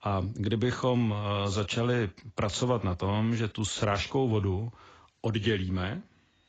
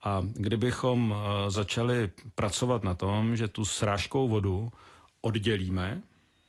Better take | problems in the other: second | garbled, watery; badly; nothing above 7.5 kHz; slightly in the second

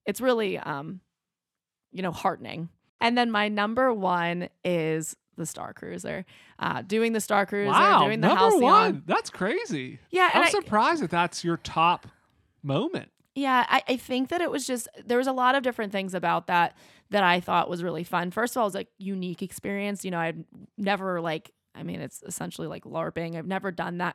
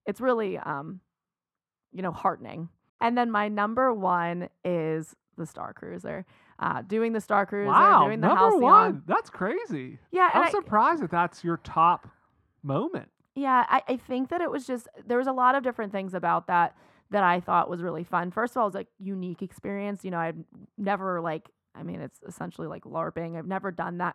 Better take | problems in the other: first | muffled; very; fading above 2 kHz

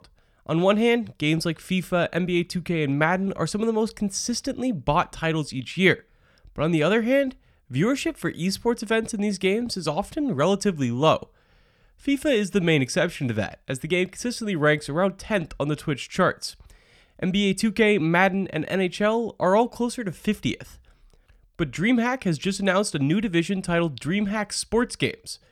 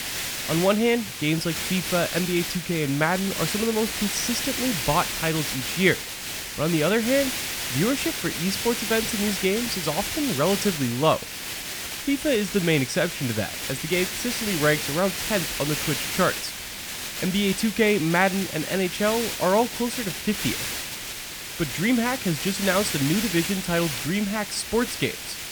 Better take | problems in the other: first | hiss; loud; throughout; 4 dB below the speech

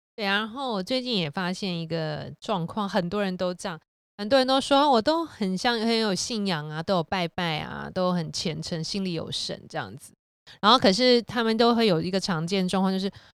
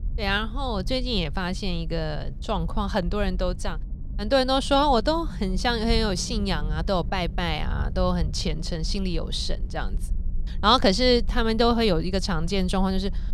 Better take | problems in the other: first | low rumble; faint; throughout; 25 dB below the speech

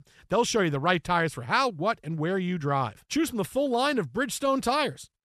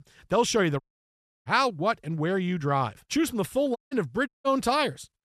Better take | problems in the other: first | audio cutting out; at 1 s for 0.5 s, at 4 s and at 4.5 s

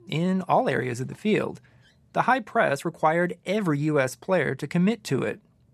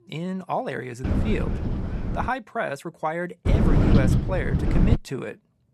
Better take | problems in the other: first | wind noise on the microphone; heavy; from 1 to 2.5 s and from 3.5 to 5 s; 2 dB below the speech

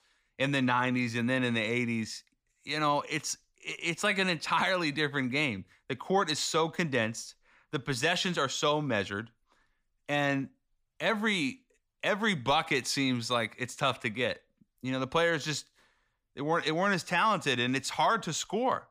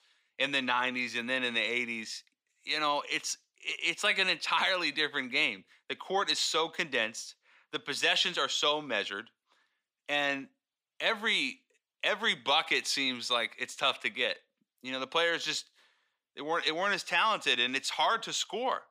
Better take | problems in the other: first | thin; somewhat; fading below 350 Hz

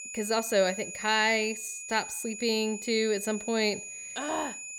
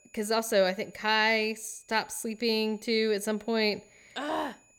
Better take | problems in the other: second | high-pitched whine; loud; throughout; 7 kHz, 9 dB below the speech; faint in the second

